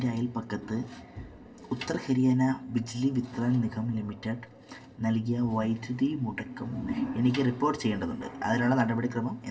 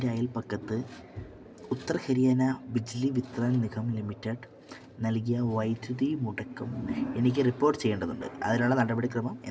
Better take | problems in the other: second | background sound (Snare drum); 17 dB below the speech // room echo; dies away in 0.4 s

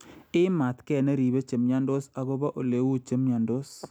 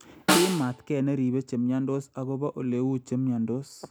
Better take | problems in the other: first | background sound (Snare drum); 4 dB below the speech

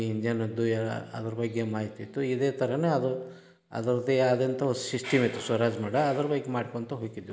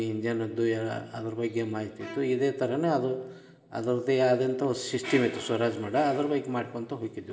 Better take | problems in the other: first | background sound (Bowed string instrument); 20 dB below the speech // room echo; dies away in 0.6 s

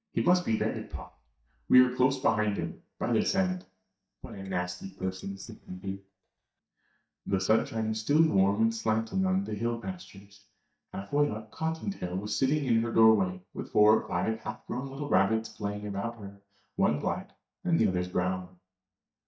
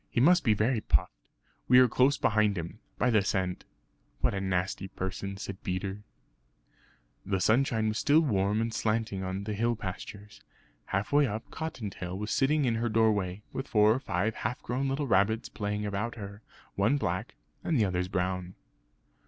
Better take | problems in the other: second | noise reduction (neural mask model DeepFilterNet 3)

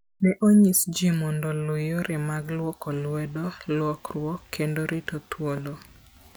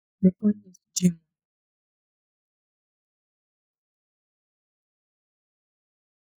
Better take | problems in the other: first | noise reduction (neural mask model DeepFilterNet 3)

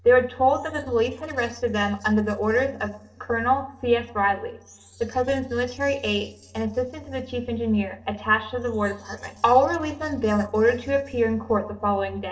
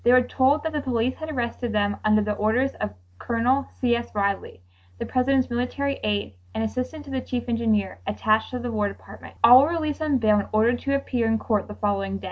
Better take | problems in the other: second | noise reduction (neural separator model SepFormer DNS4)

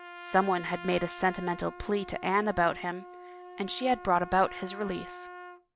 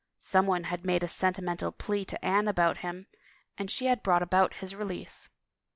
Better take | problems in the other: second | background sound (Trumpet); 14 dB below the speech

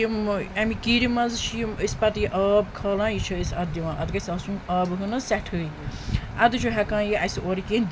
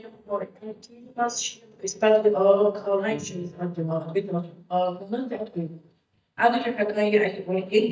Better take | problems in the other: first | noise reduction (neural mask model DeepFilterNet 3)

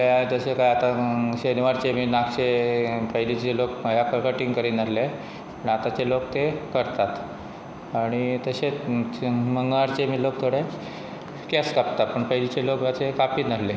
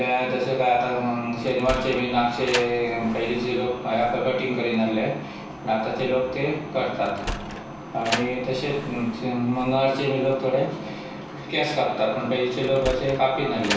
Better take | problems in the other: first | background sound (Sliding door); 13 dB below the speech // room echo; dies away in 0.3 s

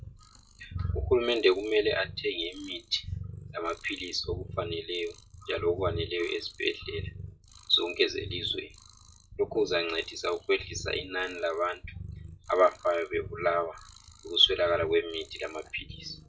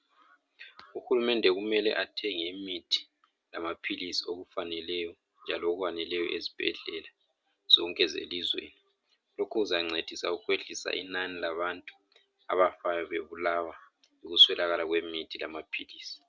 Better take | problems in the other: second | noise reduction (classical method WPE with log-MMSE)

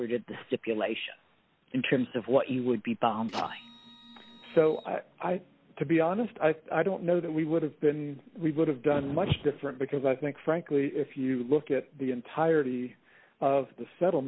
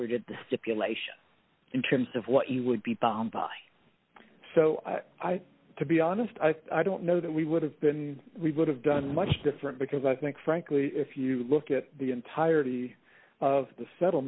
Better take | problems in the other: second | background sound (Printer); 18 dB below the speech

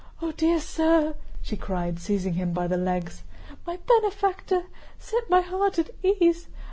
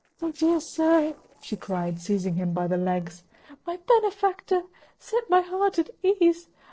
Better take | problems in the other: first | noise reduction (neural separator model SepFormer DNS4)

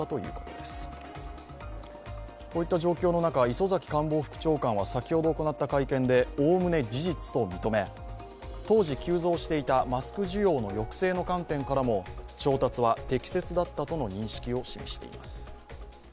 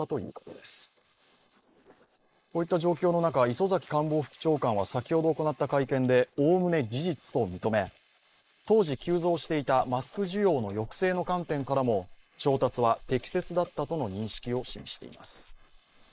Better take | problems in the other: first | noise reduction (neural mask model Resemble Enhance denoiser)

